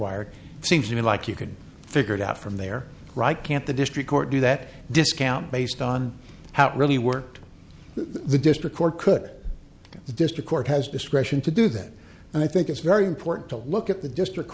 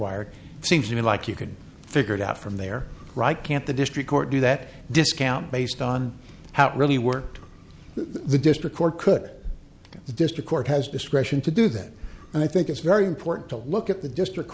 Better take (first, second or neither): first